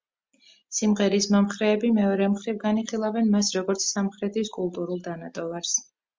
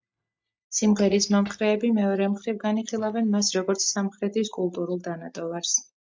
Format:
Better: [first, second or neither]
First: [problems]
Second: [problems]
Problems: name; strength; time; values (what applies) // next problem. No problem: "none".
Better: first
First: none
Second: noise reduction (neural mask model DeepFilterNet 3)